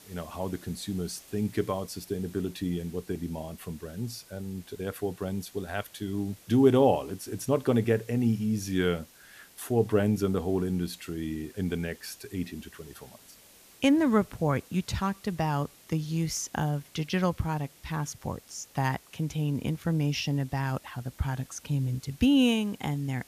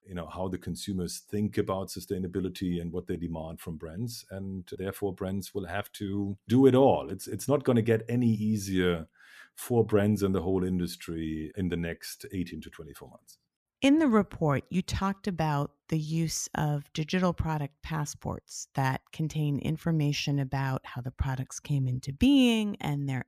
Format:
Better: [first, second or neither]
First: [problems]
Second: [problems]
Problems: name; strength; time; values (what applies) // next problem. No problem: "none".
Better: second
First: hiss; faint; throughout; 25 dB below the speech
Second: none